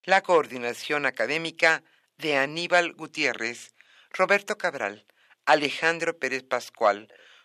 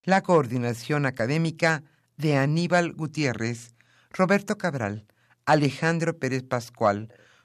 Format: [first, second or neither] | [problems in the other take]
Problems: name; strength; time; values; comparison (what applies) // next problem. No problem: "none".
second | thin; somewhat; fading below 450 Hz